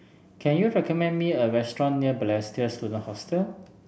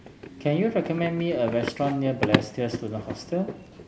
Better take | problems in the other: first | background sound (Run); 5 dB below the speech

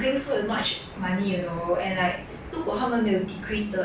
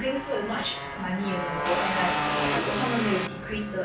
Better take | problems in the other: first | background sound (Vehicle + Motorcycle); as loud as the speech

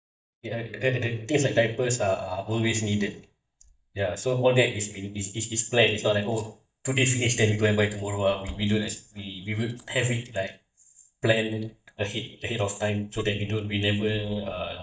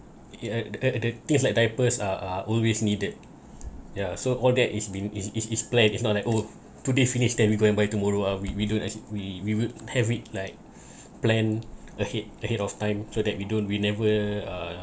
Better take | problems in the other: second | noise reduction (neural mask model DeepFilterNet 3)

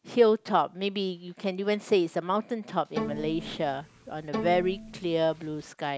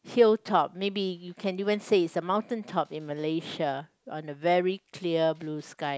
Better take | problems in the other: second | background sound (Bowed string instrument); 9 dB below the speech

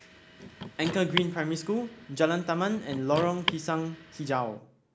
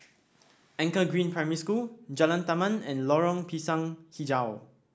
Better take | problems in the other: second | background sound (Car); 9 dB below the speech

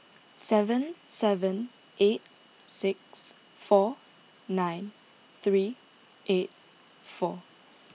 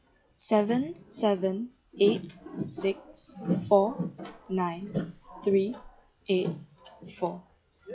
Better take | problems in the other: first | noise reduction (classical method log-MMSE)

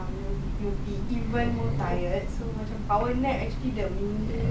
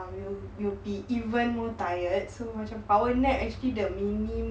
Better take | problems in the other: second | background sound (Train); 2 dB above the speech

